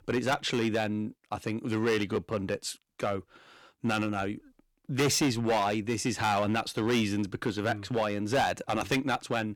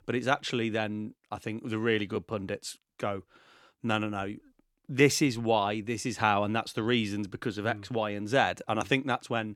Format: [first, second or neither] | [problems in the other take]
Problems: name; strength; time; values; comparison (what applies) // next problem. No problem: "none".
second | distortion; heavy; 7% of the sound clipped